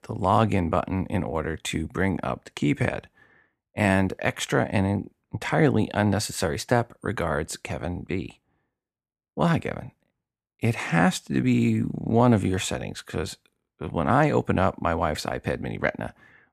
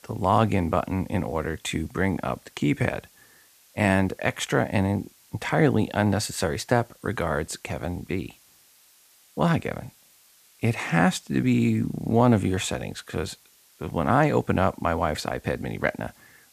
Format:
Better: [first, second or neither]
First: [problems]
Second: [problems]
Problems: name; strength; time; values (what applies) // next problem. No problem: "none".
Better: first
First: none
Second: hiss; faint; throughout; 30 dB below the speech